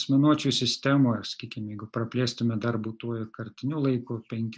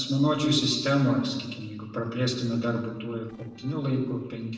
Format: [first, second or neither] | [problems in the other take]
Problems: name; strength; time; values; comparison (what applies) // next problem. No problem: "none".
first | noise reduction (neural separator model SepFormer DNS4)